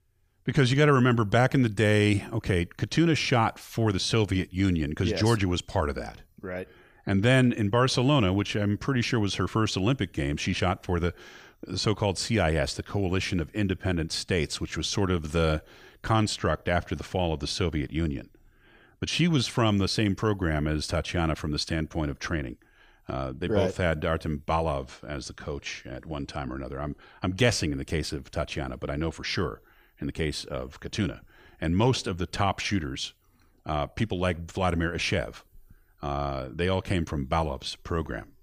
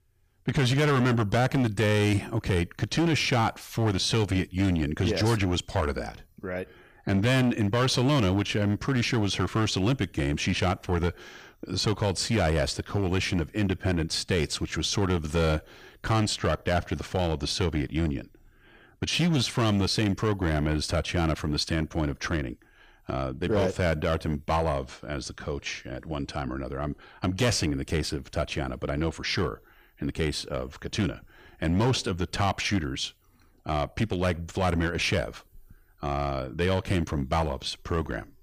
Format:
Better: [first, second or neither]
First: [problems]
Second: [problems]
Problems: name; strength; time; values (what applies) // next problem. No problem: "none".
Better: first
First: none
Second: distortion; slight; 7% of the sound clipped